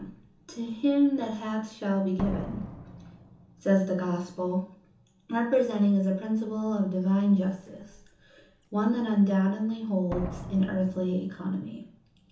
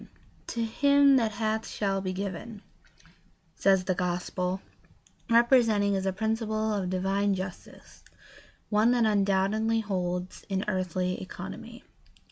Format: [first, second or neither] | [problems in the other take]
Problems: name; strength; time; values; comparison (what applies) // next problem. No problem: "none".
second | background sound (Slam); 17 dB below the speech // room echo; dies away in 1.2 s